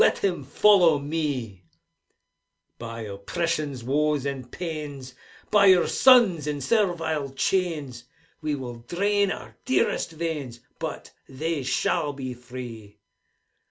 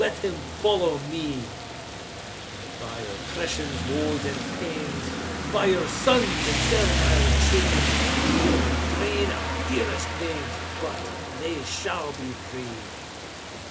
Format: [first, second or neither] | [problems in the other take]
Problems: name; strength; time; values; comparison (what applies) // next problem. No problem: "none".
first | background sound (Rain); 2 dB above the speech